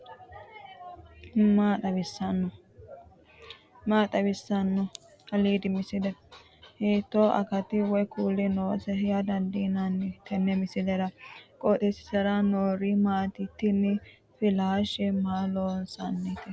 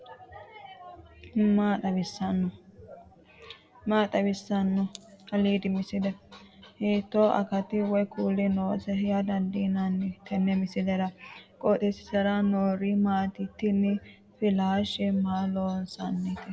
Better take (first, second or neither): first